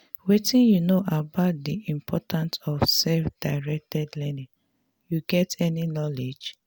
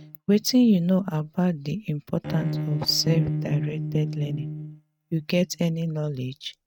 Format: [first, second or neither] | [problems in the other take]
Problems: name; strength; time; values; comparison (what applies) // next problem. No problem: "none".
first | noise reduction (neural mask model RNNoise)